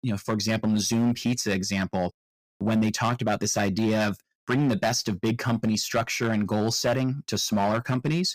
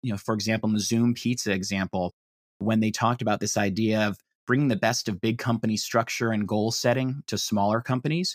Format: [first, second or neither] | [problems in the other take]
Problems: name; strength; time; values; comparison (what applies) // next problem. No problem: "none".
second | distortion; slight; 7% of the sound clipped